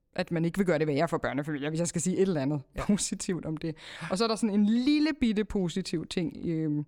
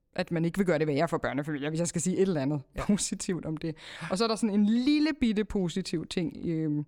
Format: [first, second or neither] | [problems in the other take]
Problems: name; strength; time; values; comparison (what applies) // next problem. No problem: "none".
neither | none